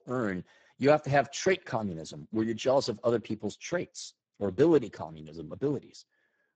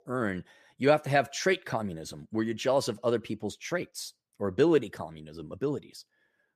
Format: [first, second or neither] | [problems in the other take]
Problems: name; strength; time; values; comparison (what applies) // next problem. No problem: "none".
second | garbled, watery; badly; nothing above 7.5 kHz